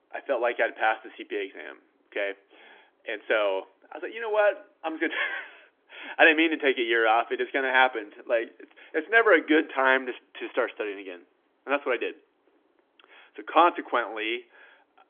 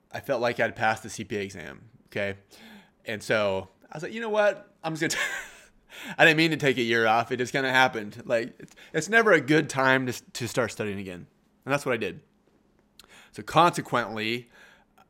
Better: second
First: phone-call audio; nothing above 3.5 kHz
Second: none

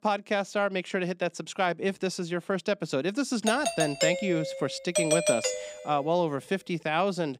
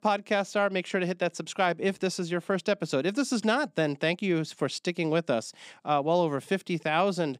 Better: second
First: doorbell; loud; from 3.5 to 5.5 s; peak 3 dB above the speech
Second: none

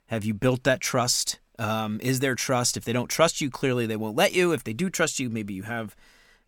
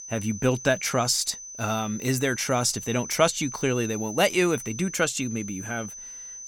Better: first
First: none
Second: high-pitched whine; noticeable; throughout; 6 kHz, 10 dB below the speech

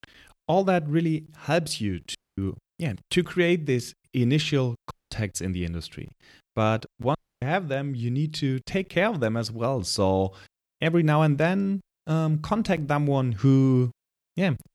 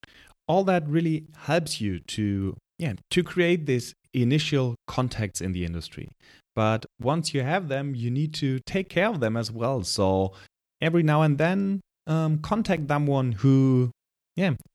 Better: second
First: audio cutting out; at 2 s, at 5 s and at 7 s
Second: none

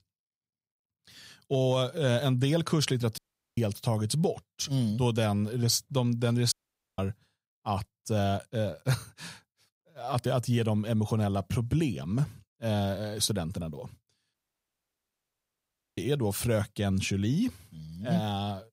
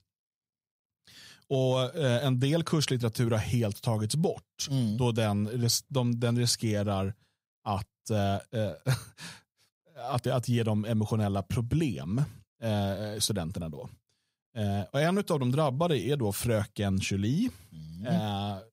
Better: second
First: audio cutting out; at 3 s, at 6.5 s and at 14 s for 1.5 s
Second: none

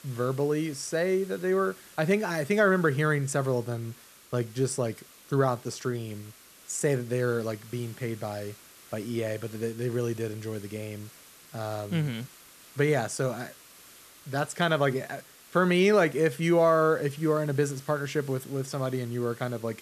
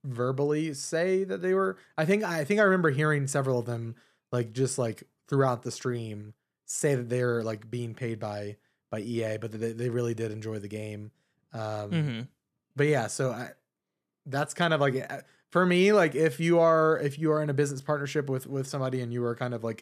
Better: second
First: hiss; faint; throughout; 20 dB below the speech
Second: none

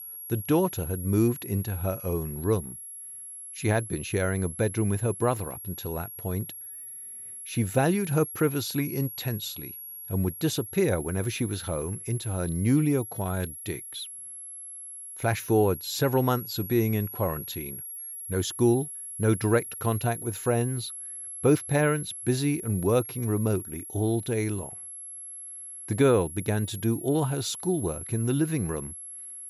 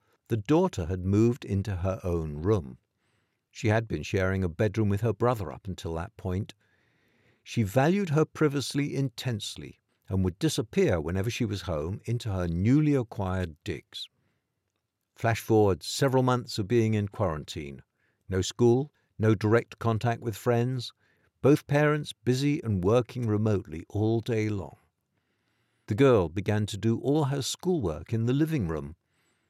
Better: second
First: high-pitched whine; loud; throughout; 11 kHz, 10 dB below the speech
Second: none

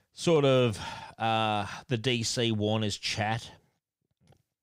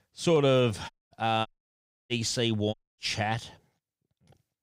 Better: first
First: none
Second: audio cutting out; at 1 s, at 1.5 s for 0.5 s and at 2.5 s

